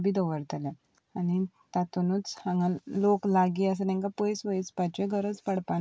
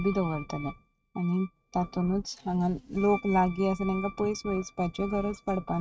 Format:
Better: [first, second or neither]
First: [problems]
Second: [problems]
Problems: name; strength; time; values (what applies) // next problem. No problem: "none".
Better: first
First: none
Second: noise reduction (neural mask model RNNoise)